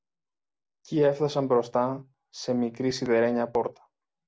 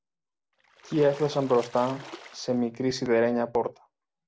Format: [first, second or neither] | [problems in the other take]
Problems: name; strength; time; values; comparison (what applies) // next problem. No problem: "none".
first | background sound (Splash, splatter); 18 dB below the speech